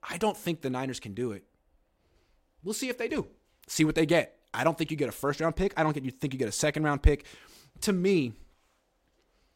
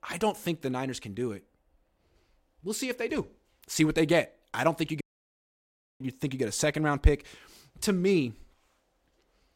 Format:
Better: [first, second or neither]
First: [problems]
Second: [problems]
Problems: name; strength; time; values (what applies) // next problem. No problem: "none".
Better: first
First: none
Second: audio cutting out; at 5 s for 1 s